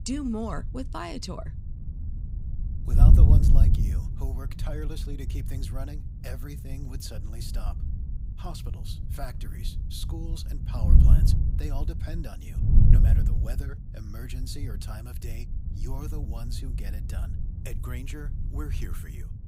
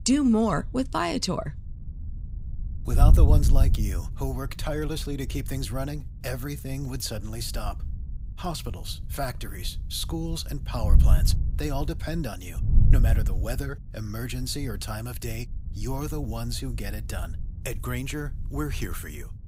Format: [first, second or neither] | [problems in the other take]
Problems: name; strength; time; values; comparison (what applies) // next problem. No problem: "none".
second | wind noise on the microphone; heavy; 1 dB below the speech; occasional gusts in the second